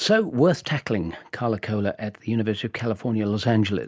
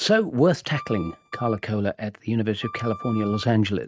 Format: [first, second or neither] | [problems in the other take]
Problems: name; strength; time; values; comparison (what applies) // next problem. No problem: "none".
first | noise reduction (neural mask model RNNoise)